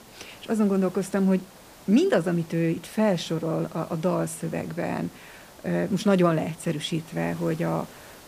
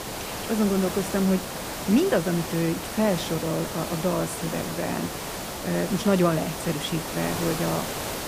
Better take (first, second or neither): first